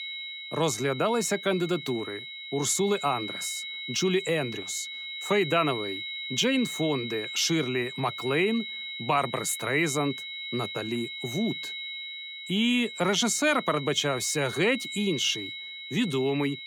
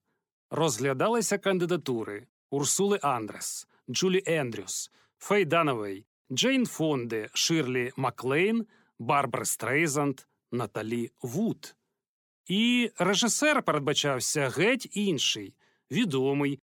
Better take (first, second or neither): second